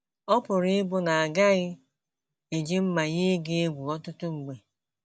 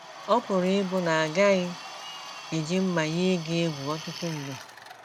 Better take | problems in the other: first | background sound (Drill + Cheering); 14 dB below the speech

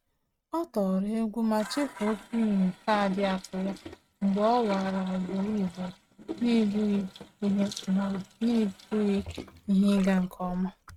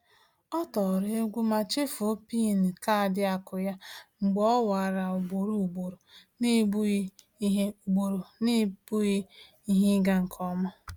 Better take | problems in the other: second | noise reduction (neural mask model RNNoise)

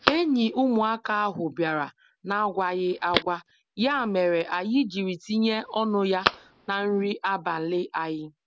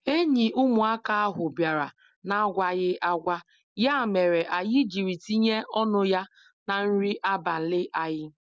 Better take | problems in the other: second | background sound (Telephone); 10 dB below the speech

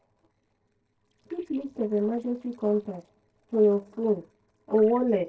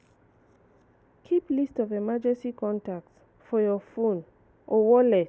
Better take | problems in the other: second | noise reduction (neural separator model SepFormer DNS4)

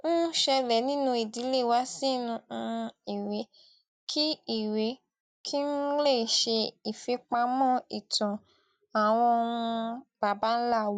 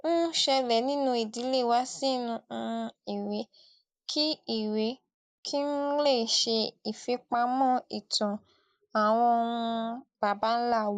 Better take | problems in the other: first | noise reduction (neural mask model Resemble Enhance denoiser)

